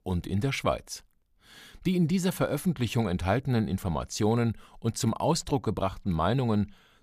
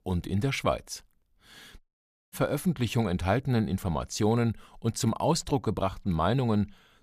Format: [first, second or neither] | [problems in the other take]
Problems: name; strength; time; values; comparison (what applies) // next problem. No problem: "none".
first | audio cutting out; at 2 s for 0.5 s